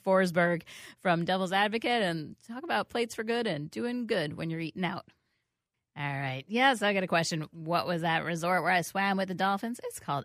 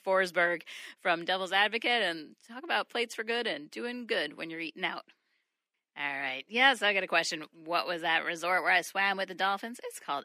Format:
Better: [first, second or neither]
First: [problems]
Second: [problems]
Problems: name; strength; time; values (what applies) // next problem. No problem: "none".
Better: first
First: none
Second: thin; somewhat; fading below 250 Hz